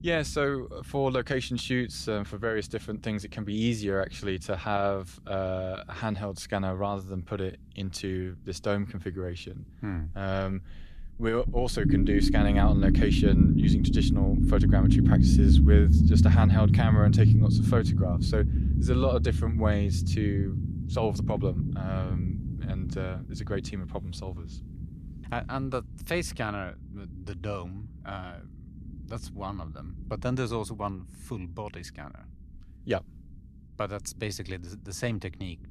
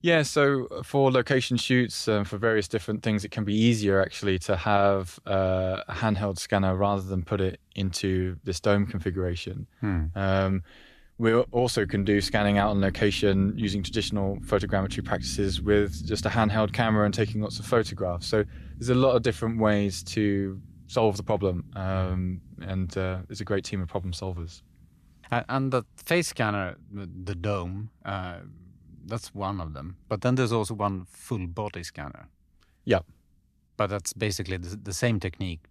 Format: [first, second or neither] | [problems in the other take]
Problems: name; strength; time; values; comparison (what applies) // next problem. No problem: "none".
second | low rumble; loud; throughout; 1 dB below the speech; faint in the second